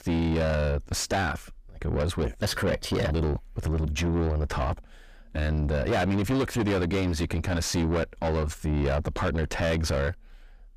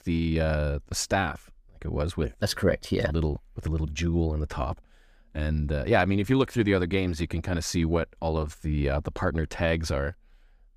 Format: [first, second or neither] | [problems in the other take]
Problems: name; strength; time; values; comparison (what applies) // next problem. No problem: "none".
second | distortion; heavy; 6 dB below the speech